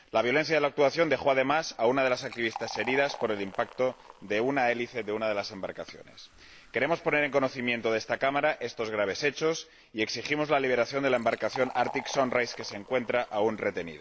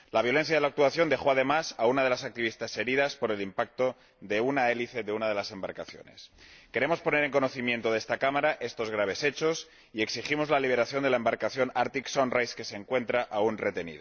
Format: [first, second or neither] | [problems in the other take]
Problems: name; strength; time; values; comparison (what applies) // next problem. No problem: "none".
second | background sound (Fill (with liquid)); 19 dB below the speech